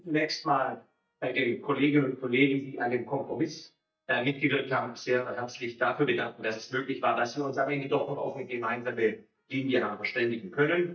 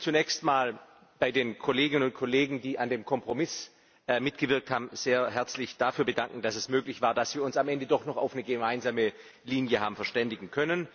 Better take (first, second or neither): second